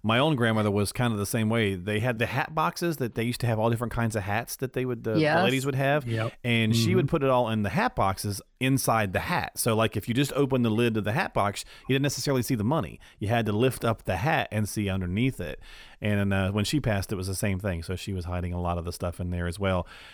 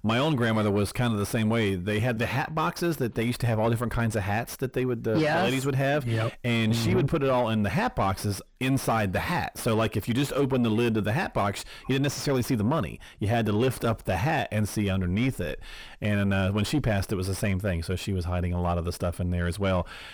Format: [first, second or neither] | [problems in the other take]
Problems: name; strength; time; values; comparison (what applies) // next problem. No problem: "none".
first | distortion; slight; 9 dB below the speech